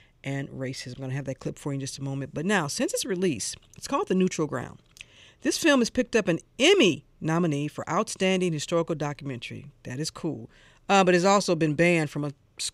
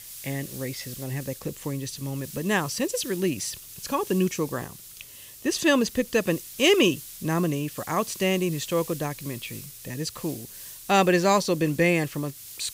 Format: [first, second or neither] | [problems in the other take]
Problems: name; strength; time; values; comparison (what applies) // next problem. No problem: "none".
first | hiss; noticeable; throughout; 15 dB below the speech